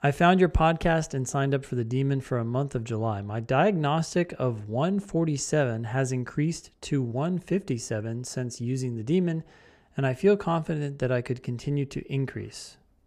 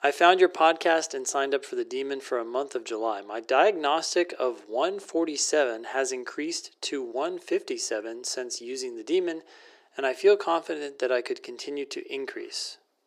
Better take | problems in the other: first | thin; very; fading below 350 Hz

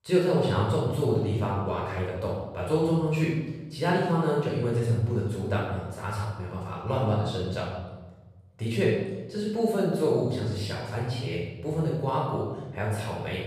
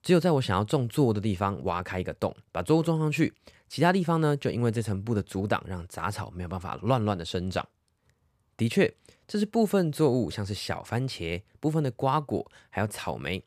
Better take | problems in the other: second | off-mic speech; far // room echo; noticeable; dies away in 1.1 s

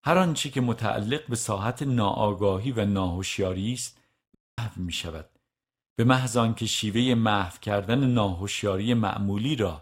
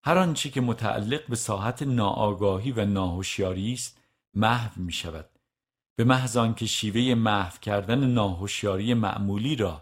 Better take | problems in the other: second | audio cutting out; at 4.5 s

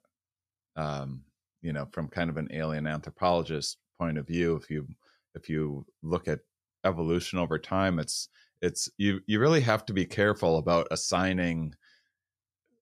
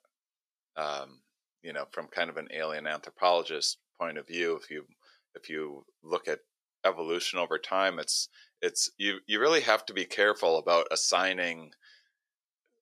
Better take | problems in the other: first | thin; very; fading below 400 Hz

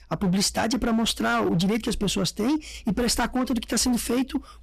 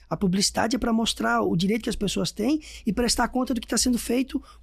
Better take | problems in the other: second | distortion; slight; 18% of the sound clipped

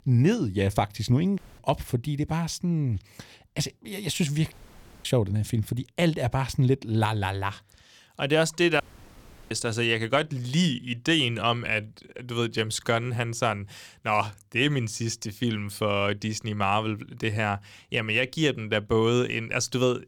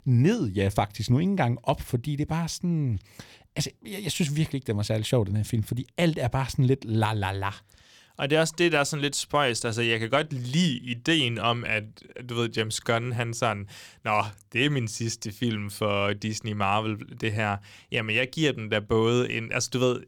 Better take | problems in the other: second | audio cutting out; at 1.5 s, at 4.5 s for 0.5 s and at 9 s for 0.5 s

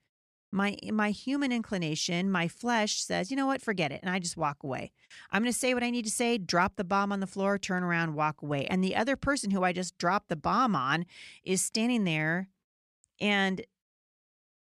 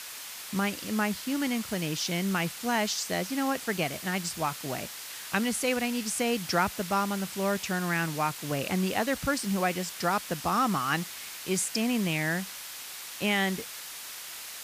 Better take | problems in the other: first | hiss; loud; throughout; 9 dB below the speech

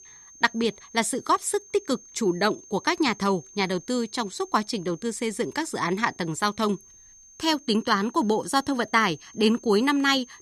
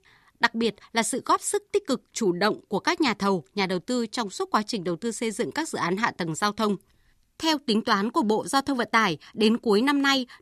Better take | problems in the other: second | high-pitched whine; faint; throughout; 6.5 kHz, 20 dB below the speech

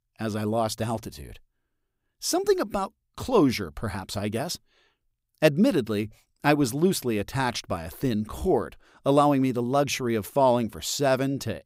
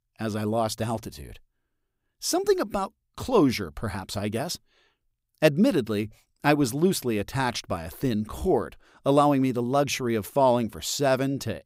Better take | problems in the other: neither | none

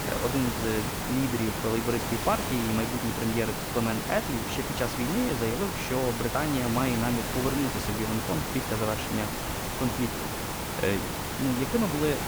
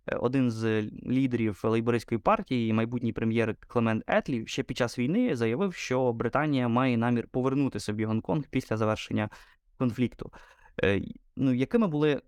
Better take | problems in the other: second | hiss; loud; throughout; 1 dB below the speech

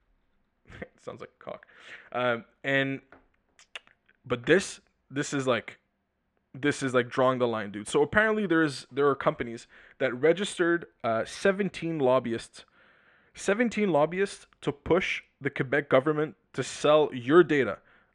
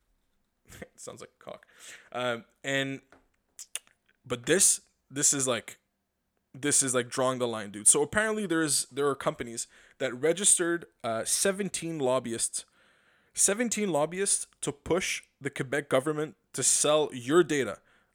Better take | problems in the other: second | muffled; very; fading above 2.5 kHz

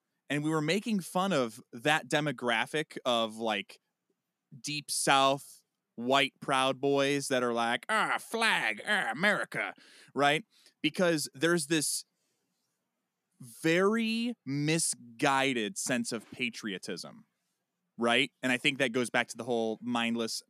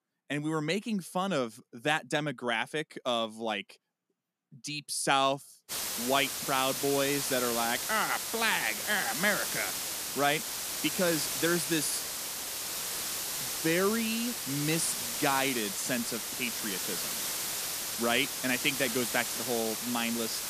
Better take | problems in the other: first | hiss; loud; from 5.5 s on; 1 dB below the speech

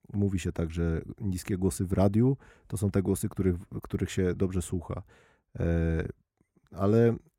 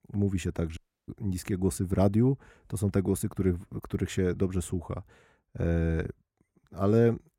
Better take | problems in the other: first | audio cutting out; at 1 s

